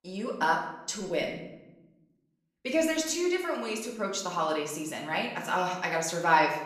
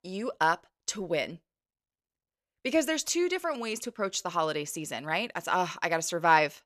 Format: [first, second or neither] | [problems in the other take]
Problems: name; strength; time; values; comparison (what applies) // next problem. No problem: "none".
second | room echo; slight; dies away in 0.7 s // off-mic speech; far